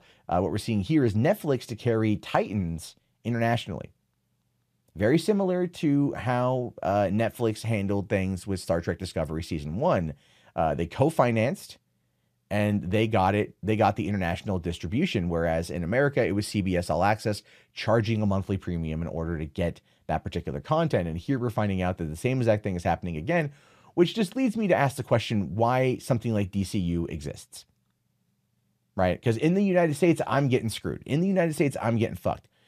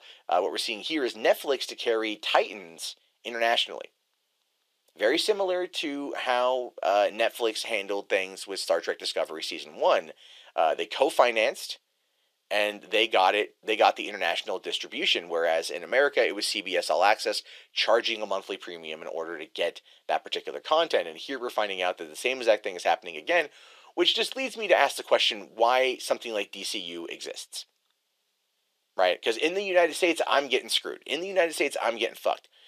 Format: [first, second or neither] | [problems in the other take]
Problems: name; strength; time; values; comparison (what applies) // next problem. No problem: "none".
first | thin; very; fading below 400 Hz